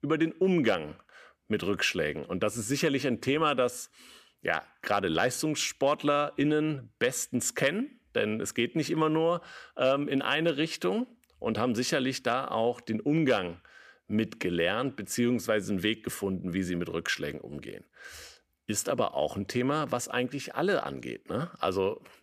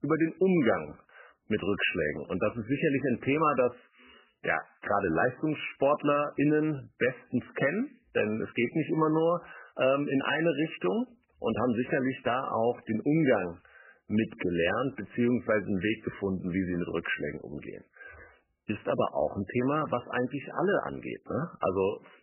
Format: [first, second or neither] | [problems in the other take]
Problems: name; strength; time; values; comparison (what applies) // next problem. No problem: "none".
first | garbled, watery; badly; nothing above 3 kHz